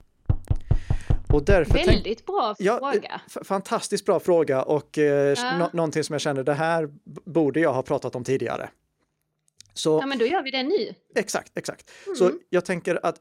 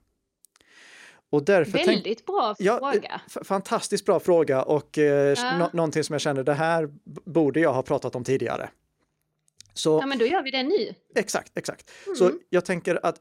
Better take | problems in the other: second | door banging; noticeable; until 2 s; peak 2 dB below the speech

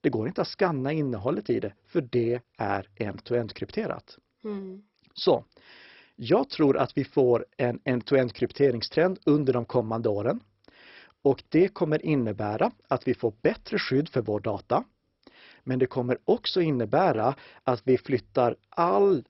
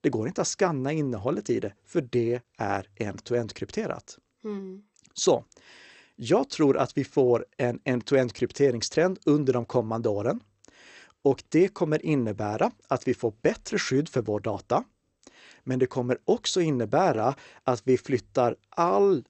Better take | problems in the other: second | garbled, watery; badly; nothing above 5.5 kHz; slightly in the second

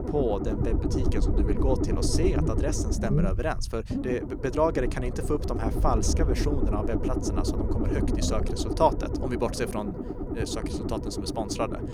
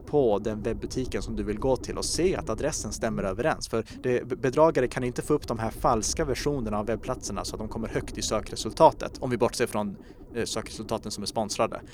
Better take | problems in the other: second | low rumble; loud; throughout; 5 dB below the speech; faint in the second

